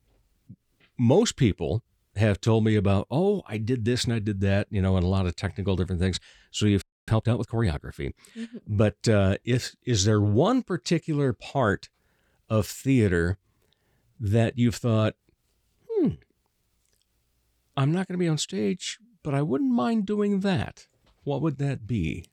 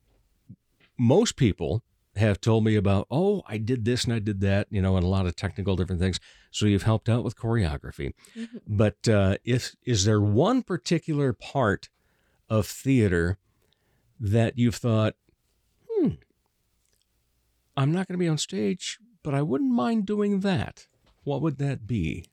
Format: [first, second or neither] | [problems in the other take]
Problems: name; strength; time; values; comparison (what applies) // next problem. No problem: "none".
second | audio freezing; at 7 s